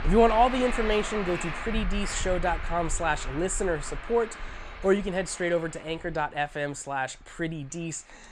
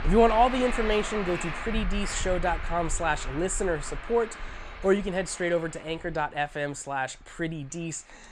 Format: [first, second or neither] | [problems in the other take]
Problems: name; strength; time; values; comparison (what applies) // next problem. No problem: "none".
neither | traffic noise; loud; throughout; 8 dB below the speech; the same in both